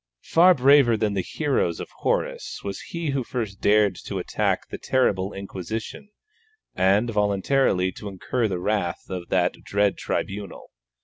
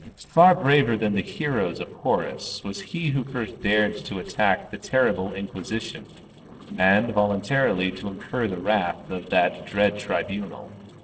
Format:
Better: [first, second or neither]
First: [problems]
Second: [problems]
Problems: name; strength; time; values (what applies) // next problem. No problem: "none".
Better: first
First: none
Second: noise reduction (neural separator model SepFormer DNS4)